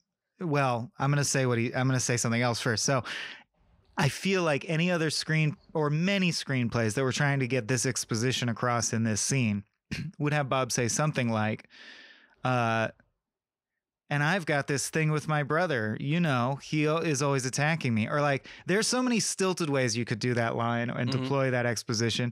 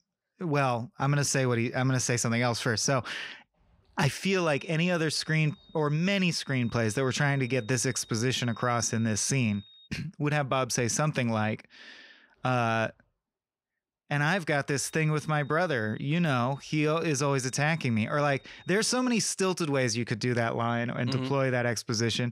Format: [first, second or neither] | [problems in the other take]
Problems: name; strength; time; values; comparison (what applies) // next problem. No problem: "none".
first | high-pitched whine; faint; from 4 to 10 s and from 15 to 19 s; 3.5 kHz, 25 dB below the speech